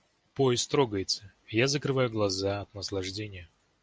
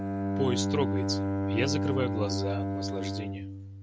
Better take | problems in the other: first | background sound (Bowed string instrument); 3 dB above the speech

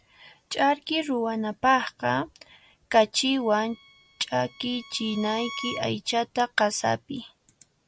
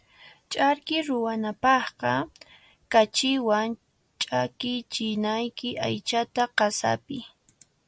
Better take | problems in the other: second | background sound (Bowed string instrument); 16 dB below the speech

